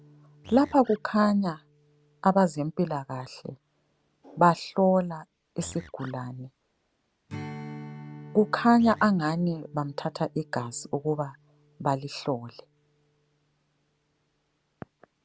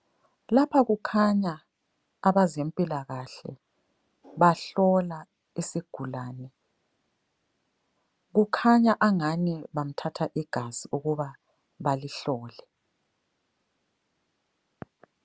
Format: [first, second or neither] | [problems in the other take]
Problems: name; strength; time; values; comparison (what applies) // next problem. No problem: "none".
second | background sound (Strum + Animal); 20 dB below the speech